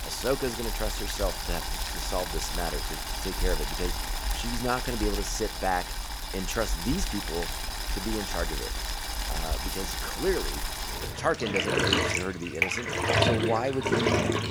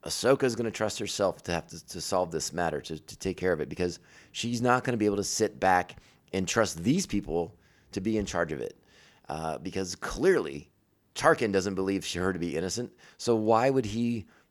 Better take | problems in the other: second | household noises; very loud; throughout; 2 dB above the speech

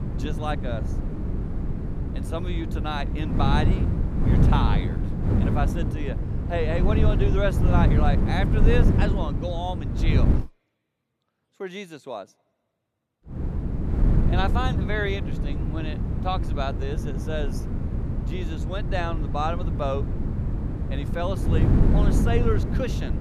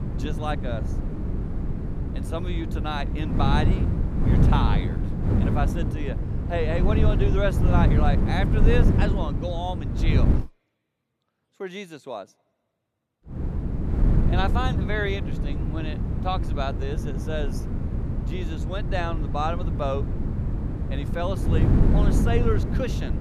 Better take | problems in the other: neither | wind noise on the microphone; heavy; until 10 s and from 13 s on; 4 dB below the speech; the same in both

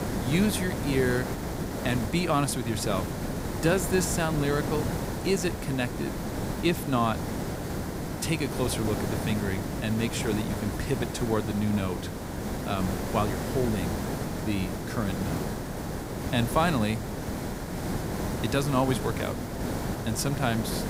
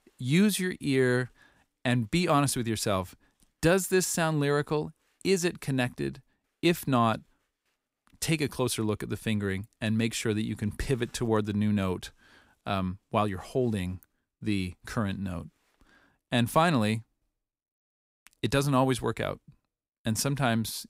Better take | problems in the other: second | hiss; loud; throughout; 3 dB below the speech

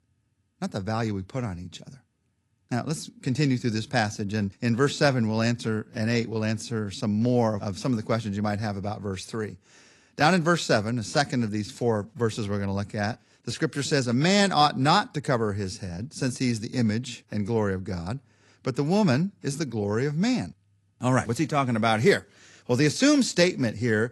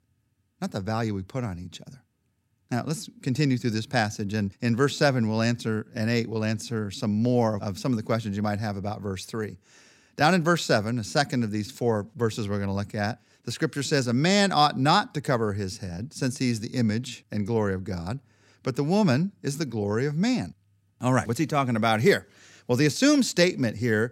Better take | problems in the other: second | garbled, watery; slightly; nothing above 11.5 kHz

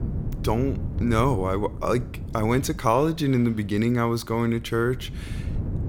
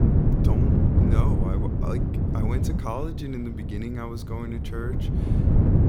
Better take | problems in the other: first | wind noise on the microphone; heavy; 2 dB above the speech; occasional gusts in the first

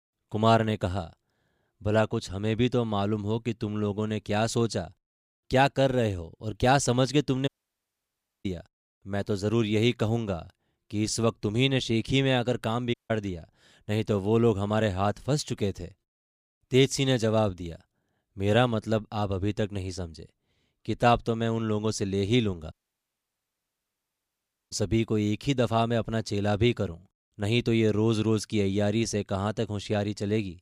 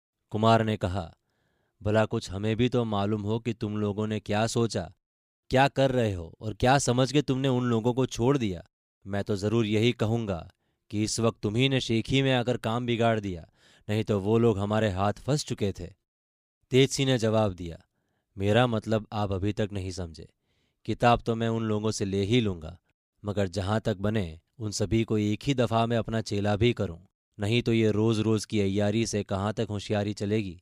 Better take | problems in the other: second | audio cutting out; at 7.5 s for 1 s, at 13 s and at 23 s for 2 s

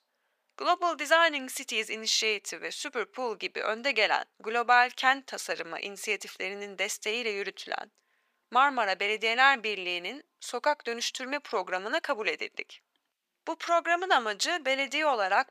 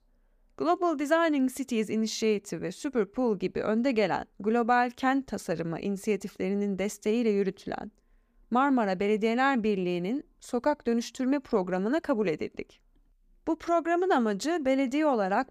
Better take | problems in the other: second | thin; very; fading below 750 Hz

